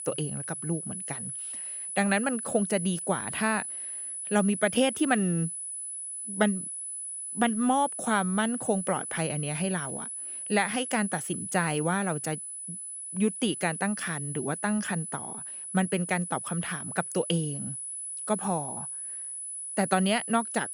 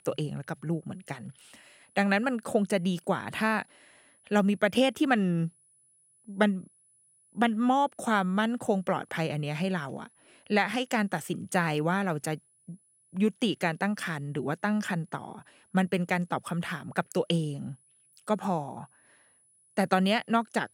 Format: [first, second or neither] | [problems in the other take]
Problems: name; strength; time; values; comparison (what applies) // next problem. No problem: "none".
second | high-pitched whine; loud; throughout; 10 kHz, 5 dB below the speech; faint in the second